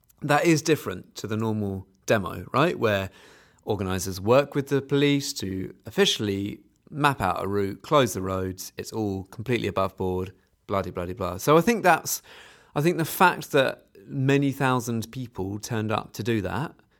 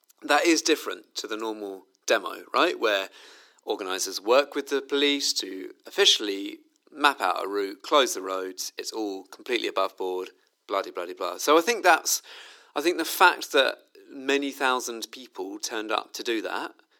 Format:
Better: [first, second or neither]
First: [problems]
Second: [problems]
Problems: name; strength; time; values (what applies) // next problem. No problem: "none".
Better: first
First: none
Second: thin; somewhat; fading below 300 Hz